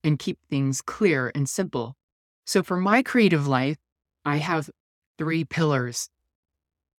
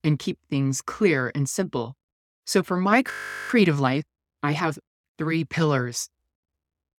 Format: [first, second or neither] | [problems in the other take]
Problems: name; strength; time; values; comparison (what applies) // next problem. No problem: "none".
first | audio freezing; at 3 s